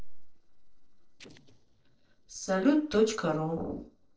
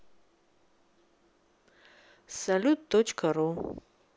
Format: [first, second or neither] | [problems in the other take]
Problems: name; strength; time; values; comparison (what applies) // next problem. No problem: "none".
second | noise reduction (neural separator model SepFormer DNS4)